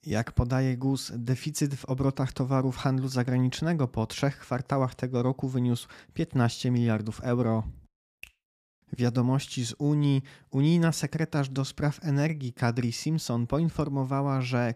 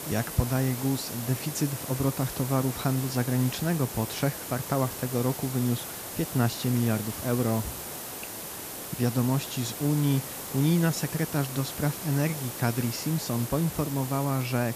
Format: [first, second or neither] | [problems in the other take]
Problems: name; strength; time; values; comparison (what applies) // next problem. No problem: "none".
first | hiss; loud; throughout; 7 dB below the speech